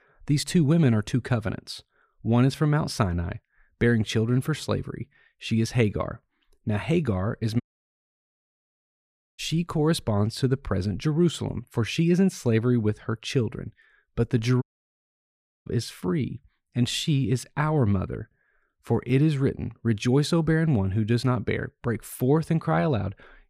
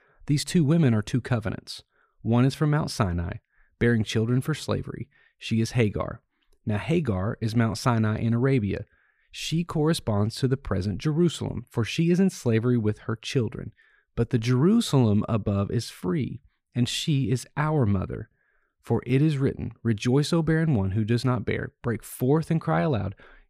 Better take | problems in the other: second | audio cutting out; at 7.5 s for 2 s and at 15 s for 1 s

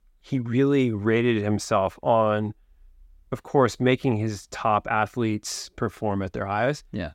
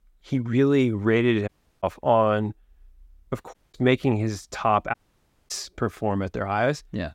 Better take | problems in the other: first | audio cutting out; at 1.5 s, at 3.5 s and at 5 s for 0.5 s

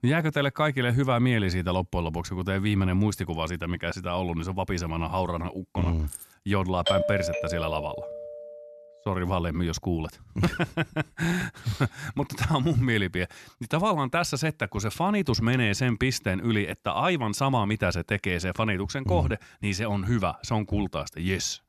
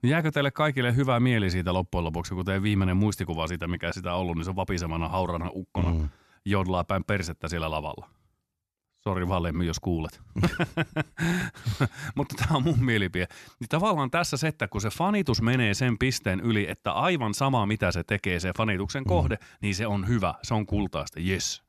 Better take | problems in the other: second | jangling keys; faint; at 6 s; peak 15 dB below the speech // doorbell; loud; from 7 to 8.5 s; peak 1 dB above the speech

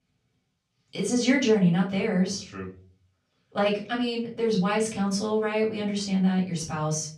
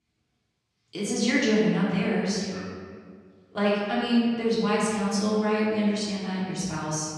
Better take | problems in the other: first | room echo; strong; dies away in 1.6 s; slight in the first // off-mic speech; far; far in the first

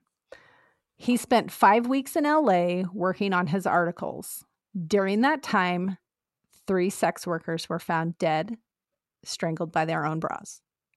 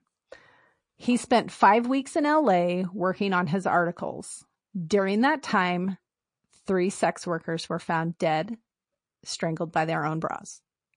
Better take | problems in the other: first | garbled, watery; slightly; nothing above 10 kHz

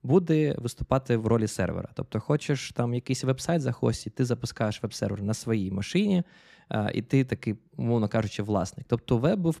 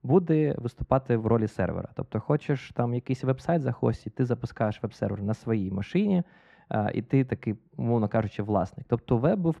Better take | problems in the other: first | muffled; very; fading above 3.5 kHz

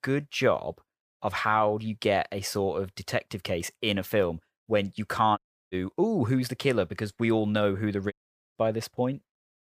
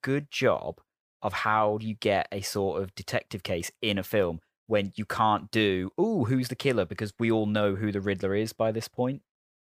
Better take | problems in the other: second | audio cutting out; at 5.5 s and at 8 s

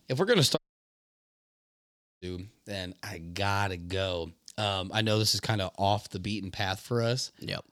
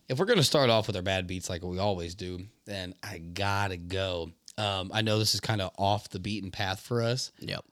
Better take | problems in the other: second | audio cutting out; at 0.5 s for 1.5 s

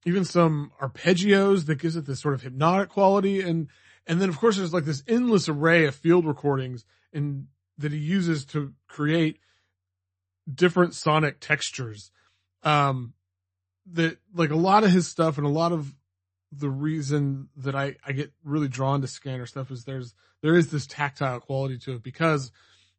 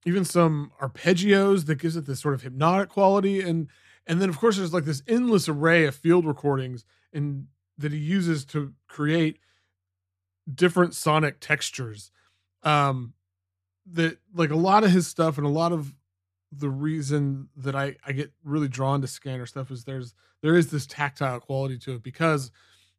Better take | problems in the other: second | garbled, watery; slightly; nothing above 8 kHz

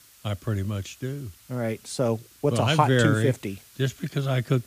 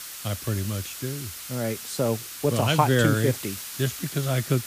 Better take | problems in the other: first | hiss; loud; throughout; 9 dB below the speech; faint in the first

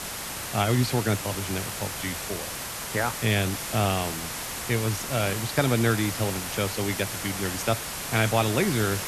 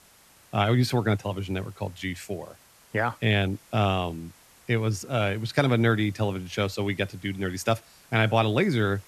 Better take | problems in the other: second | hiss; loud; throughout; 4 dB below the speech; faint in the second

